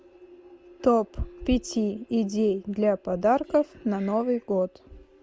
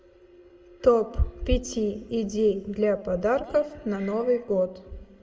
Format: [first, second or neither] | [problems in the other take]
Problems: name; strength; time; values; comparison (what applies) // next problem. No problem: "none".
first | room echo; dies away in 0.6 s